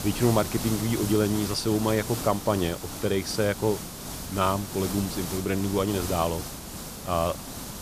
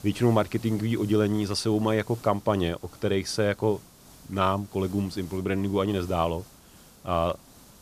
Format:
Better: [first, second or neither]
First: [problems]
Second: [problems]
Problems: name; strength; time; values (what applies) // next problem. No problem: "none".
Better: second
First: hiss; loud; throughout; 7 dB below the speech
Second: hiss; faint; throughout; 20 dB below the speech